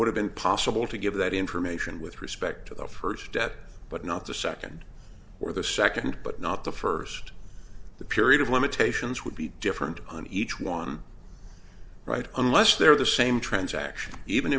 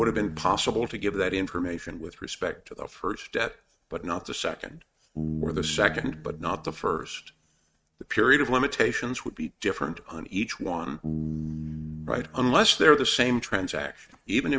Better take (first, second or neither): first